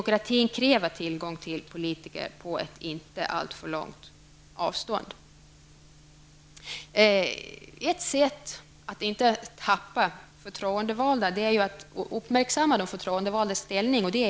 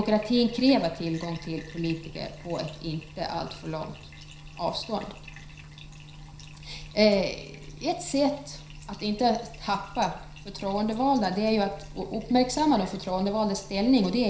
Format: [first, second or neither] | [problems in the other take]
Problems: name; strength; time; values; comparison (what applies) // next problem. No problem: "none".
first | background sound (Bathtub (filling or washing)); 18 dB below the speech // room echo; dies away in 0.5 s